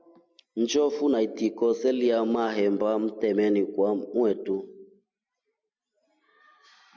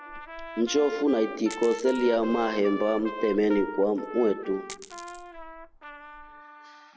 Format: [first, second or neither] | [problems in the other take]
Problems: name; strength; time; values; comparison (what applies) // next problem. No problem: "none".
first | background sound (Coin (dropping) + Trumpet); 12 dB below the speech